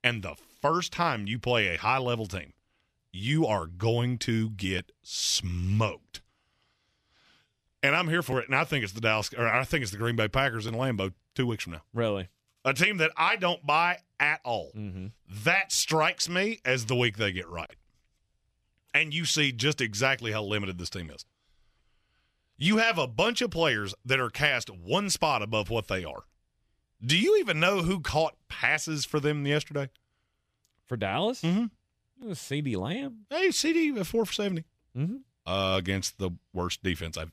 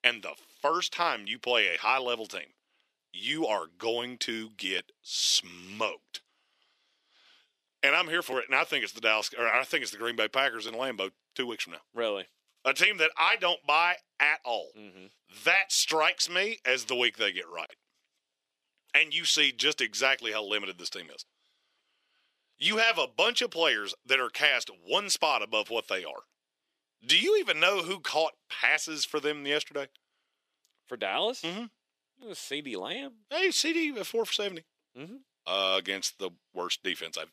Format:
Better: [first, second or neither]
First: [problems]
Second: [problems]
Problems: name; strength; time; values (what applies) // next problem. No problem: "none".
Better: first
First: none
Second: thin; somewhat; fading below 350 Hz